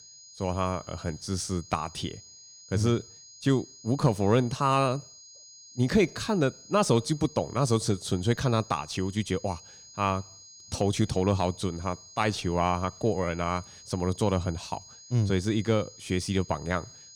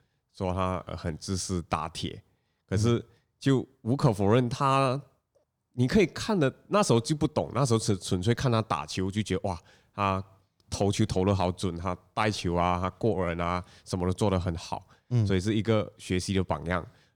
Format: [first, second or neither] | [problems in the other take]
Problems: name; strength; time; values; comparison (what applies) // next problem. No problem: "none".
second | high-pitched whine; noticeable; throughout; 6.5 kHz, 20 dB below the speech